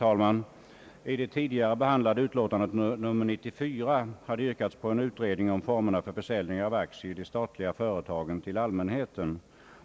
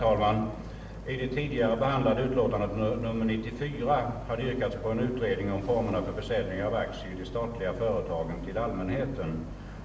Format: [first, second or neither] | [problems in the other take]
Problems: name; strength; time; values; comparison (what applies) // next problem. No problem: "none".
first | background sound (Boat, Water vehicle); 11 dB below the speech // room echo; dies away in 0.8 s